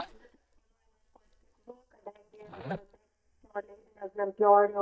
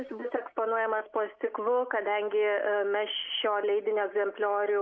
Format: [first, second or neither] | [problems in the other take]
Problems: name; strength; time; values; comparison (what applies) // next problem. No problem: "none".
second | noise reduction (neural mask model DeepFilterNet 3)